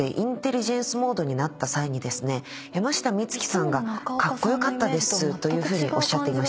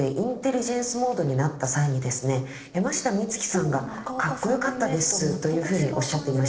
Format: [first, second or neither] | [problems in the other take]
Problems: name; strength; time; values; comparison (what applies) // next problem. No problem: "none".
first | noise reduction (neural separator model SepFormer DNS4)